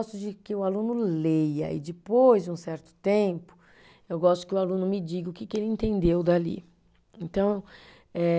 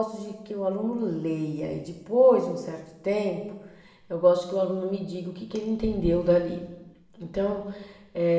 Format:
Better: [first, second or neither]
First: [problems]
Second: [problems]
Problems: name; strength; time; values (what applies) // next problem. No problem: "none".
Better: first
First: none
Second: room echo; dies away in 1 s